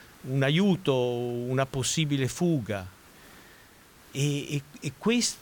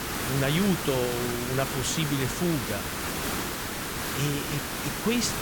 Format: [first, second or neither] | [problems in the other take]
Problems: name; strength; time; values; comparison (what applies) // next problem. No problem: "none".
first | hiss; loud; throughout; 1 dB below the speech; faint in the first